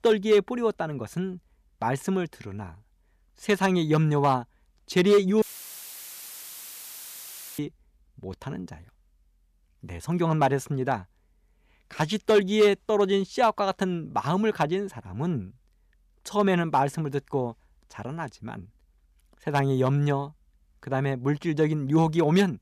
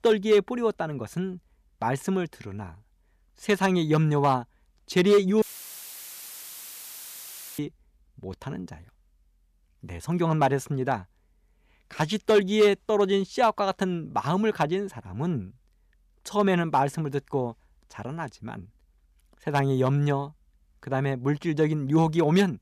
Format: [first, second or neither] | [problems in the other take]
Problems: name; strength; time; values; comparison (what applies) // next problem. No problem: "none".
neither | audio cutting out; filled with static; at 5.5 s for 2 s; the same in both